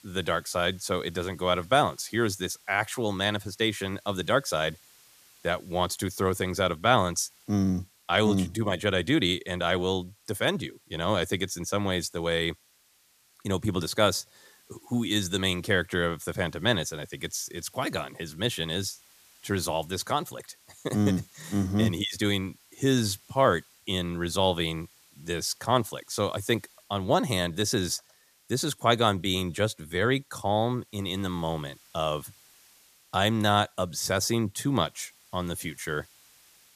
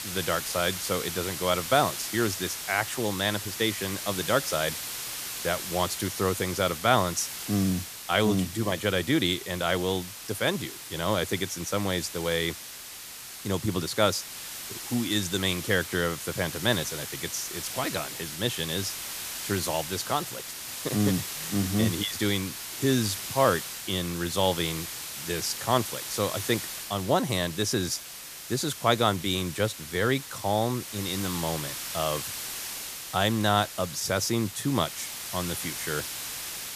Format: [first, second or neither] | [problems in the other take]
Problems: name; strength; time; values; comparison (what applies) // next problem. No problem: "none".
first | hiss; loud; throughout; 7 dB below the speech; faint in the first